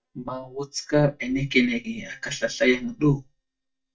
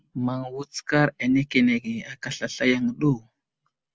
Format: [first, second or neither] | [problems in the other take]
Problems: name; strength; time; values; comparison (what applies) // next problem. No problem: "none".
second | noise reduction (neural mask model DeepFilterNet 3)